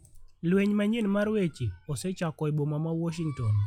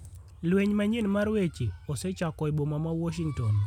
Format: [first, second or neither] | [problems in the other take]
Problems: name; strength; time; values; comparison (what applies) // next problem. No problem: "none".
second | noise reduction (classical method log-MMSE)